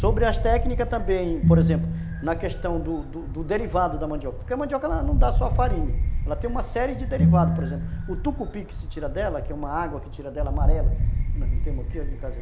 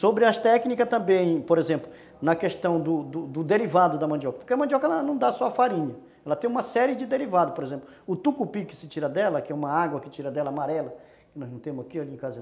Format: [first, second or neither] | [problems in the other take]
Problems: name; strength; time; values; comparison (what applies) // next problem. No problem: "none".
second | background sound (Piano + Wind); 4 dB above the speech